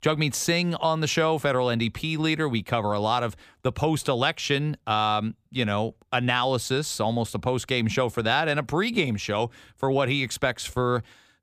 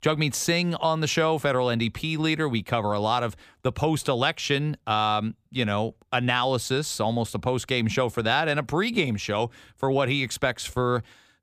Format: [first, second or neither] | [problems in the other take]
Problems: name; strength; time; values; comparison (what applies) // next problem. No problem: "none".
neither | none